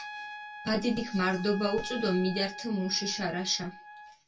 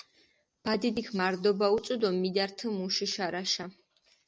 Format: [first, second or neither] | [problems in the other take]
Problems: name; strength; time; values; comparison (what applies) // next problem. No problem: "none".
second | background sound (Trumpet); 12 dB below the speech // room echo; dies away in 0.1 s